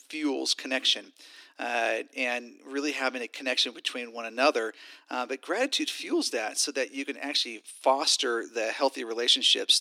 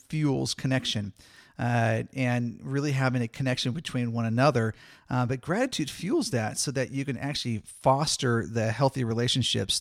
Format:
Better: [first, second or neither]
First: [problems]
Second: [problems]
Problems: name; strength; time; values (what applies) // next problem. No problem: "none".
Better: second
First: thin; somewhat; fading below 300 Hz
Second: none